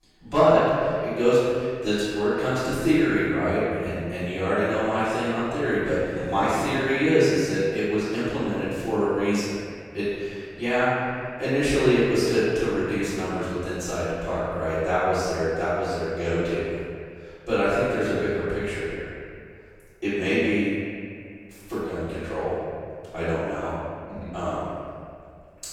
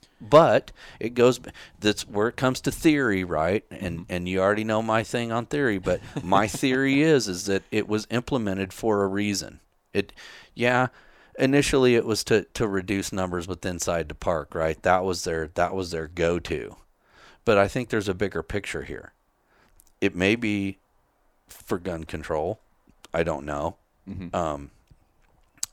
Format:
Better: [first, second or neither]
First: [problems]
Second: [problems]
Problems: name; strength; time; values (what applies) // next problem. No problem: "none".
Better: second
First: off-mic speech; far // room echo; strong; dies away in 2.1 s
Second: none